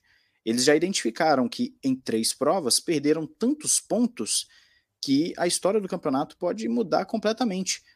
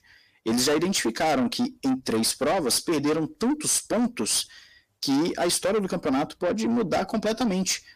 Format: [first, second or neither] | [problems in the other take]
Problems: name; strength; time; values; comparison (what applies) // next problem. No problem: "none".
first | distortion; heavy; 7 dB below the speech